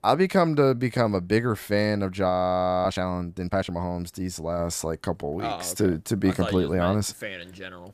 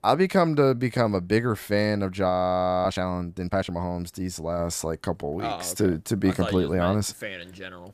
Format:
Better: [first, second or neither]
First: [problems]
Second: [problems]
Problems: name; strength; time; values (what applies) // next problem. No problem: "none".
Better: neither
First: audio freezing; at 2.5 s for 0.5 s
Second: audio freezing; at 2.5 s for 0.5 s